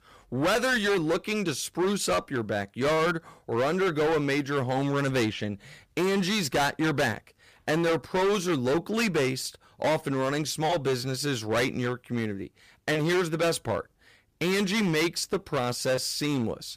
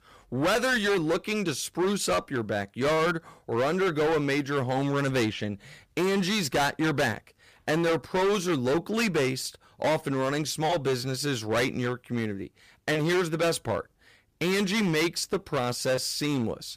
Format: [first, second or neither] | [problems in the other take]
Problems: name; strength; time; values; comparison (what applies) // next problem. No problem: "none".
neither | distortion; heavy; 16% of the sound clipped; the same in both